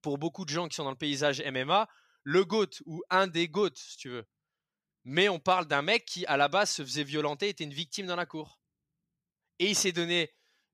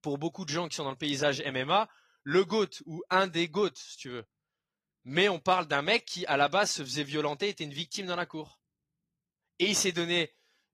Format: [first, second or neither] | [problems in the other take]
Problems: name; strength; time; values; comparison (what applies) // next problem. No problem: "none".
first | garbled, watery; slightly; nothing above 14.5 kHz